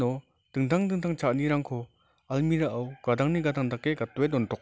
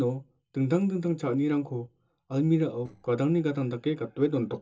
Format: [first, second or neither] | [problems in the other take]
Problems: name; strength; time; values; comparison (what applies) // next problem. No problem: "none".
first | noise reduction (neural separator model SepFormer DNS4)